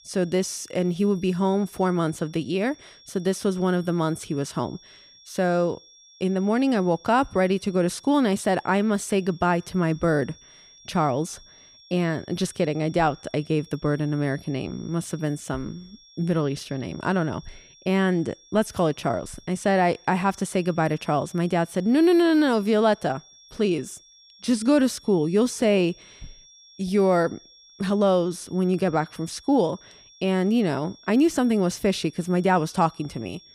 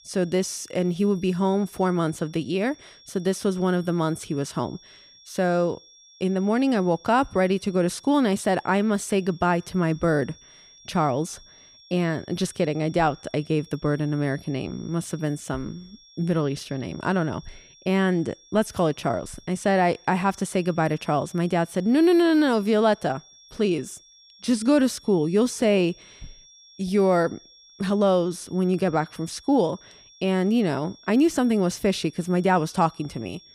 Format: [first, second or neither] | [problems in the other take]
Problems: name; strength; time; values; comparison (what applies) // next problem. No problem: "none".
neither | high-pitched whine; faint; throughout; 5.5 kHz, 25 dB below the speech; the same in both